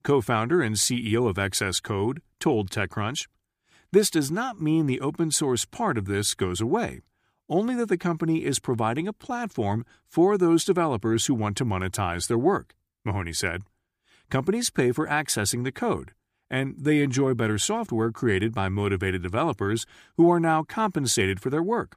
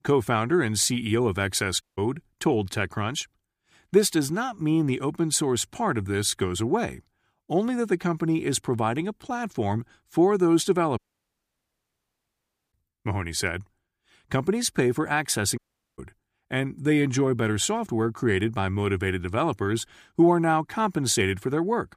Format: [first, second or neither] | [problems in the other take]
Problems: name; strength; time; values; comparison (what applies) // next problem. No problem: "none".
first | audio cutting out; at 2 s, at 11 s for 2 s and at 16 s